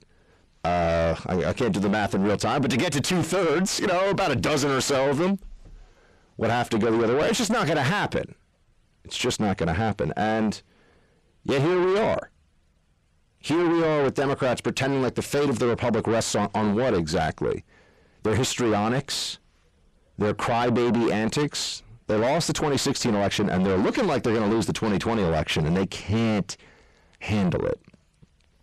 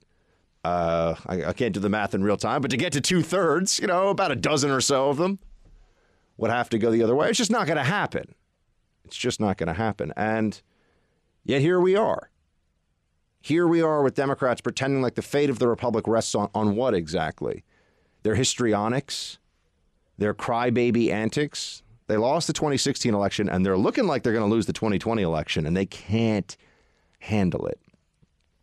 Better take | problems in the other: second | distortion; heavy; 7 dB below the speech

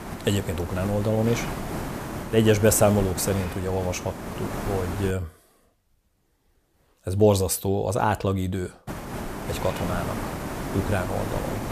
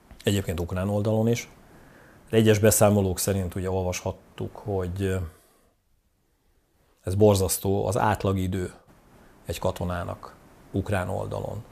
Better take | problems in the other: second | hiss; loud; until 5 s and from 9 s on; 8 dB below the speech; faint in the second

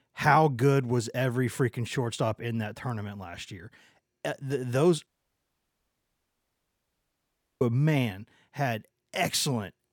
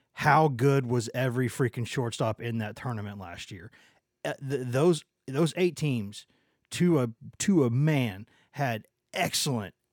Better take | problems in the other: second | audio cutting out; at 5 s for 2.5 s

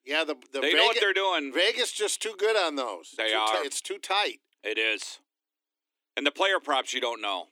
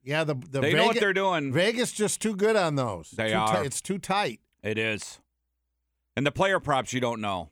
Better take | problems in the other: second | thin; somewhat; fading below 300 Hz

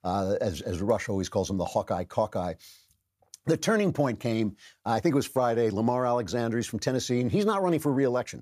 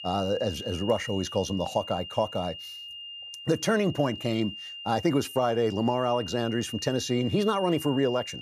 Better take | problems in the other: first | high-pitched whine; noticeable; throughout; 3 kHz, 10 dB below the speech

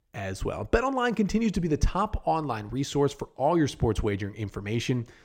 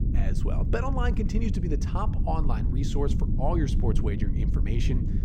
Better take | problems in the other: first | low rumble; loud; throughout; 6 dB below the speech

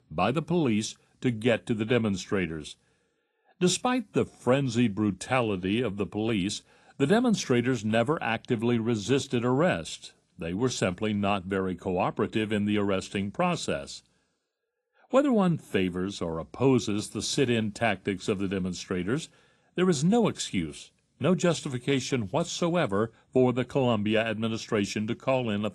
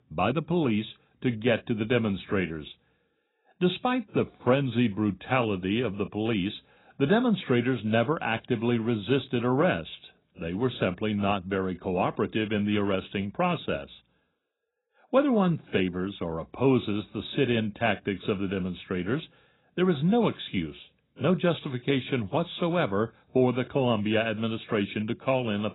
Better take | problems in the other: first | garbled, watery; badly; nothing above 4 kHz; slightly in the first

